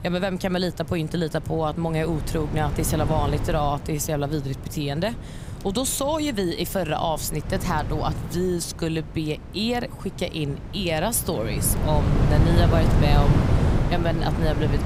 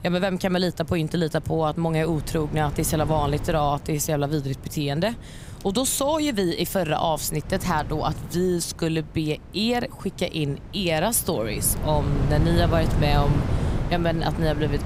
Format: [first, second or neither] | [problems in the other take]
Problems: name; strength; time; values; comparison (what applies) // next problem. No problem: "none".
second | wind noise on the microphone; heavy; 6 dB below the speech; occasional gusts in the second